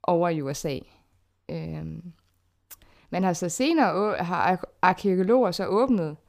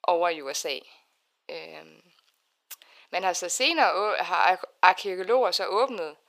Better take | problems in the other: first | thin; very; fading below 500 Hz

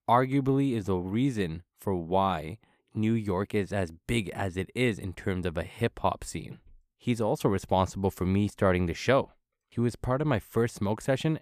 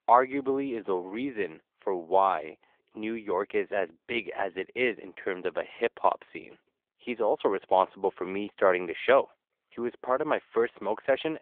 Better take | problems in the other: first | phone-call audio

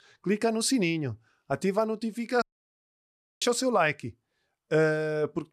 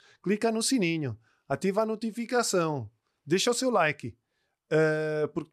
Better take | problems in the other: second | audio cutting out; at 2.5 s for 1 s

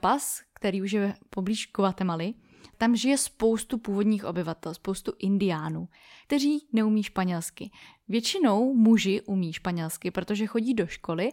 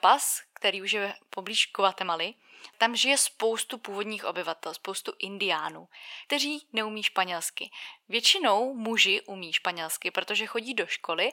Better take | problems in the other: first | thin; very; fading below 700 Hz

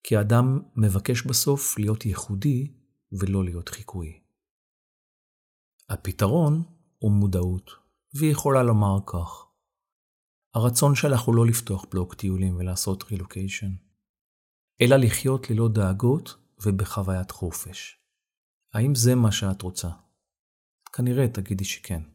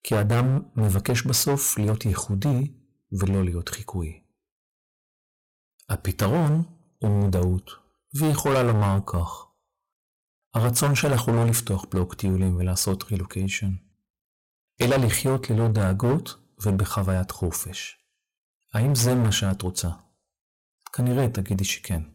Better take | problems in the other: first | distortion; heavy; 13% of the sound clipped

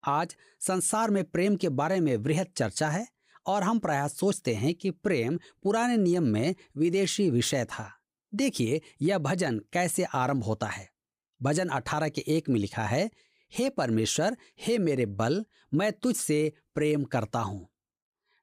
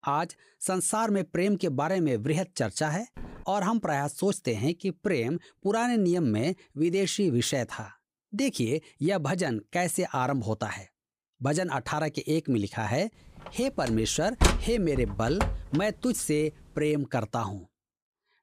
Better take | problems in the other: first | footsteps; faint; at 3 s; peak 20 dB below the speech // door banging; loud; from 14 to 16 s; peak 3 dB above the speech

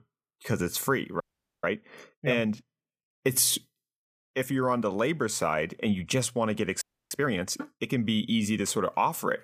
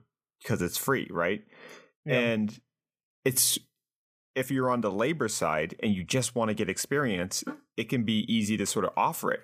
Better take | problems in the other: second | audio freezing; at 1 s and at 7 s

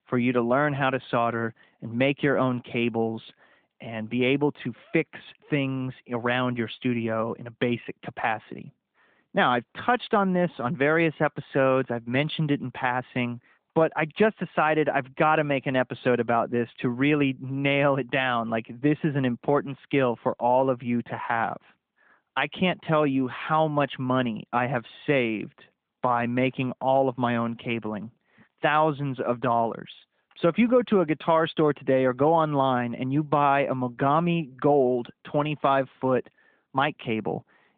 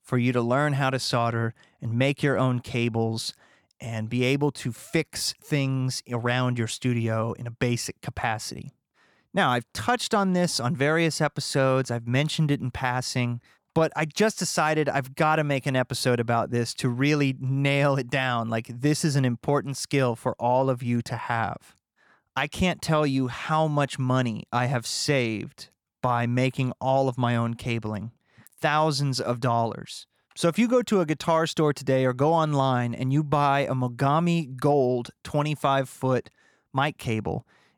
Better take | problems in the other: second | phone-call audio

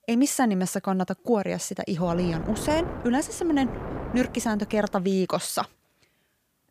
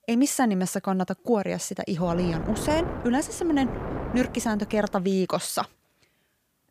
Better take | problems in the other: first | wind noise on the microphone; heavy; from 2 to 5 s; 9 dB below the speech; occasional gusts in the first

